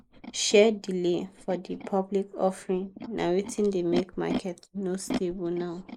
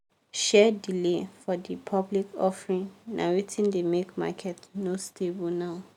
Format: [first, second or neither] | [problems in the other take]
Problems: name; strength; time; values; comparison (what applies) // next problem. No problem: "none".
second | noise reduction (neural mask model Resemble Enhance denoiser)